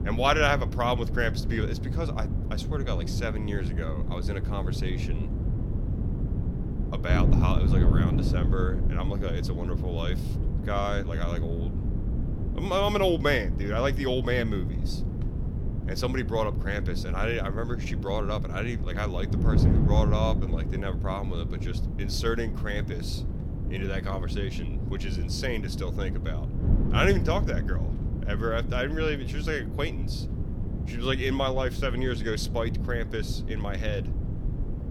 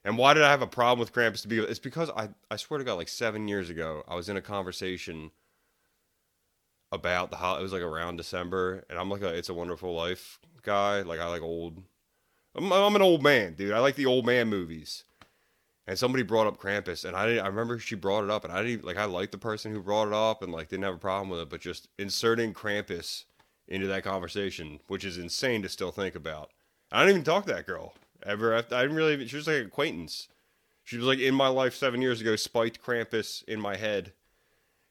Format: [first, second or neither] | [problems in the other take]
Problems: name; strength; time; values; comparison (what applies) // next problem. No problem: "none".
second | wind noise on the microphone; heavy; 10 dB below the speech